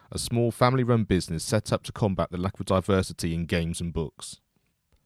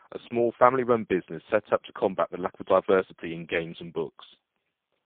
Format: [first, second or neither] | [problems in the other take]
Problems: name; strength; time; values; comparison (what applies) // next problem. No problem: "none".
first | phone-call audio; poor line